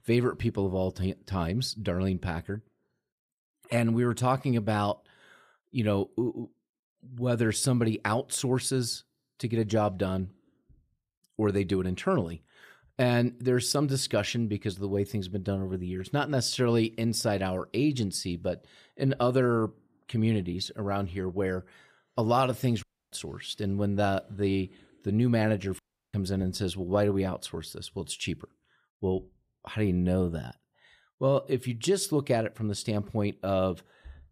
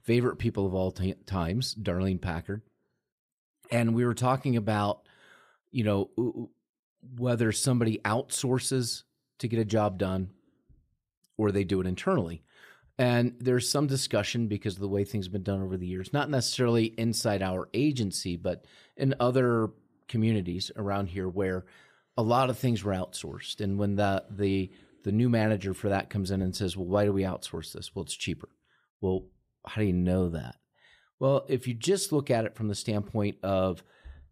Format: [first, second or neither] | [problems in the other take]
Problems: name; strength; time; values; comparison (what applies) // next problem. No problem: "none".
second | audio cutting out; at 23 s and at 26 s